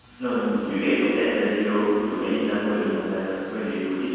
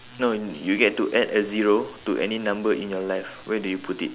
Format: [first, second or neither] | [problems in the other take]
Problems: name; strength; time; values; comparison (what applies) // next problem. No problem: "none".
second | room echo; dies away in 2.1 s